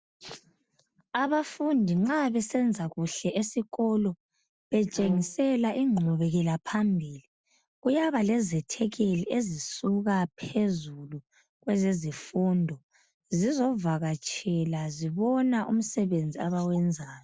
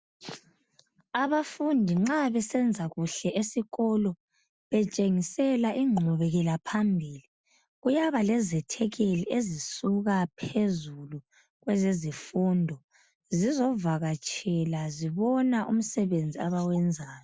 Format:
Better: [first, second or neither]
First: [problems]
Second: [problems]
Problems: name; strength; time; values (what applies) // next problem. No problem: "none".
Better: second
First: noise reduction (neural separator model SepFormer DNS4)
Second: none